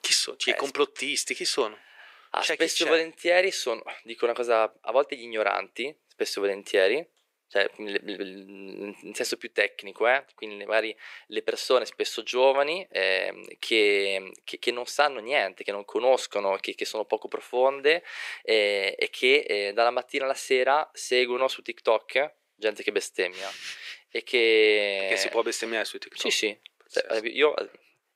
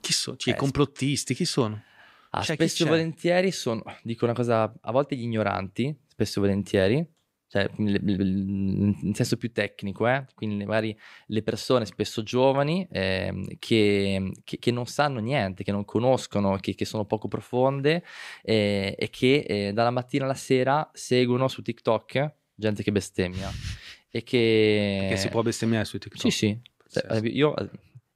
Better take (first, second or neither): second